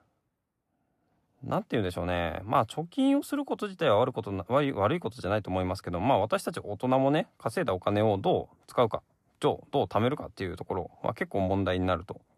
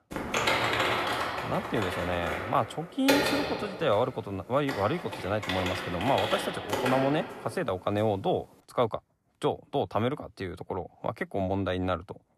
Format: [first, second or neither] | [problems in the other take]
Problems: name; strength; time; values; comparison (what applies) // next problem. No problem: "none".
first | keyboard typing; loud; until 7.5 s; peak 5 dB above the speech